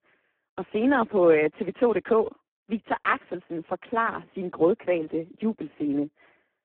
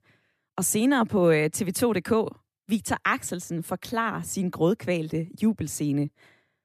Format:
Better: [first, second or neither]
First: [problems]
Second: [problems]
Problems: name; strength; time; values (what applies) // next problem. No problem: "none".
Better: second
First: phone-call audio; poor line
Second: none